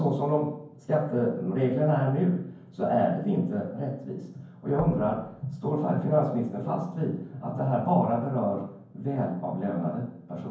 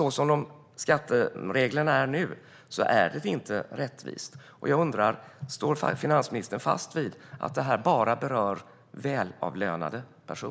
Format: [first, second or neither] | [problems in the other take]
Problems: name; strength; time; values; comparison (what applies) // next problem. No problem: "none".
second | background sound (Knock / Wood / Percussion); 17 dB below the speech // room echo; dies away in 0.9 s